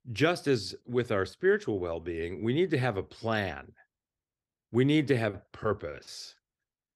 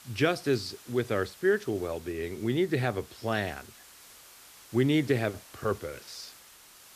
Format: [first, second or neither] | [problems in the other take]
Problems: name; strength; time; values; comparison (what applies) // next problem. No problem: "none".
first | hiss; faint; throughout; 20 dB below the speech